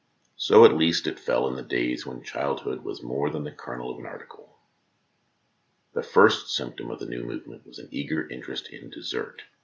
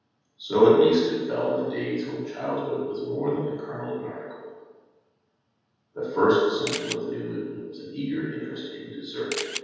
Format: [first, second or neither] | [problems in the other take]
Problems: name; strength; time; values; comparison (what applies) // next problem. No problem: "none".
first | background sound (Camera); 5 dB below the speech // room echo; dies away in 1.2 s